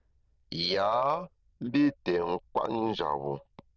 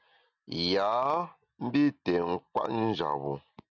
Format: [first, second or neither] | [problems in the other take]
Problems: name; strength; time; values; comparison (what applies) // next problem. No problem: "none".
second | noise reduction (neural diffusion model UNIVERSE++)